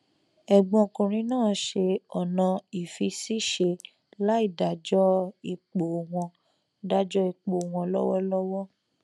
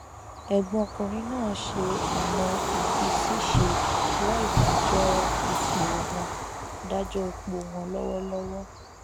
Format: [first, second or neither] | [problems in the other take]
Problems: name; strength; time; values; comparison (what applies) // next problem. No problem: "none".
first | background sound (Train / Bird vocalization, bird call, bird song + Cupboard open or close); 4 dB above the speech